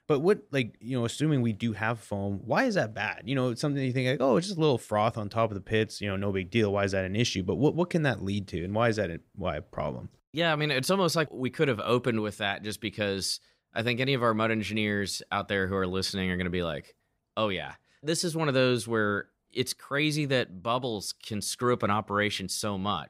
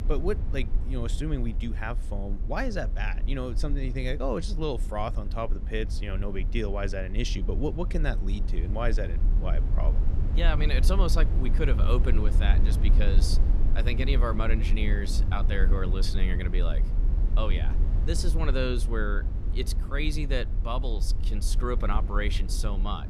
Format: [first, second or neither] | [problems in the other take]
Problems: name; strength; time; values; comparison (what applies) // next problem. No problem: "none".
first | low rumble; noticeable; throughout; 10 dB below the speech